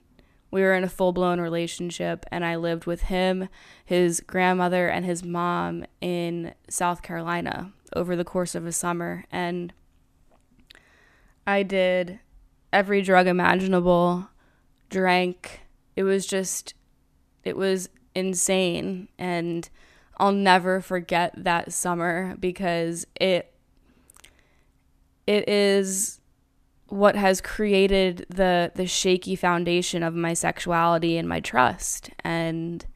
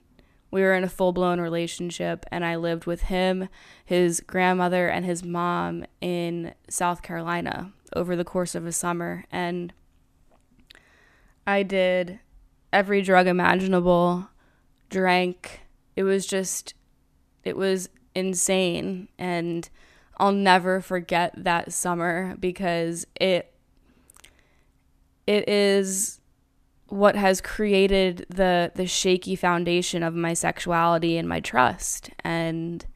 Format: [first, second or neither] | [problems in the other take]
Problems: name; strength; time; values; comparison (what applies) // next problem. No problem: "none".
neither | none